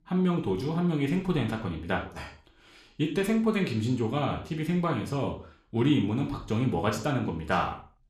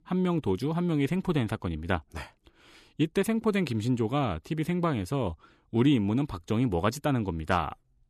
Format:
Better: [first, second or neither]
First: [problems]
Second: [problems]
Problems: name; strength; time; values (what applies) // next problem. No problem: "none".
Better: second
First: room echo; noticeable; dies away in 0.4 s // off-mic speech; somewhat distant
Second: none